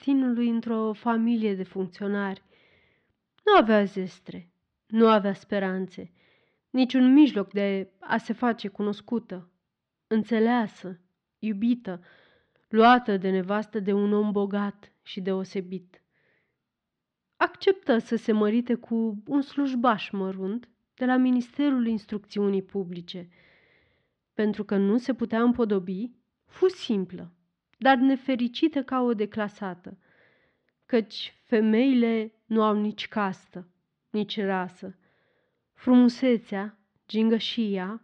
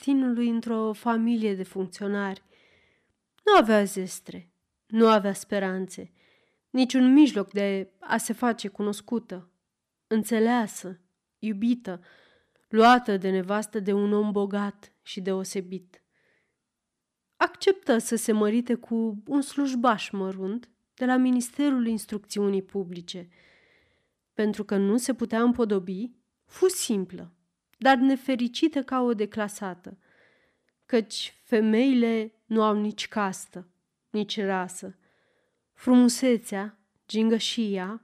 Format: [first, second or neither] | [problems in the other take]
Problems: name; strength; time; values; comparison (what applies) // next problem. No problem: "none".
second | muffled; very slightly; fading above 4 kHz